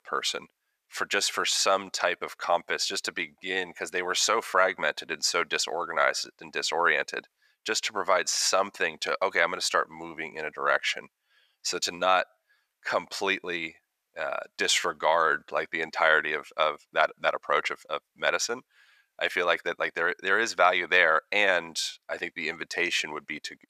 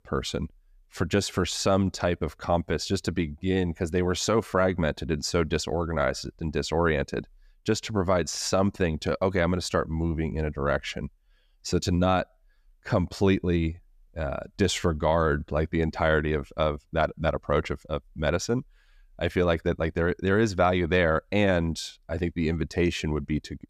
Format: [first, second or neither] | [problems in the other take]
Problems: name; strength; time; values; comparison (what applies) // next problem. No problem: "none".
second | thin; very; fading below 800 Hz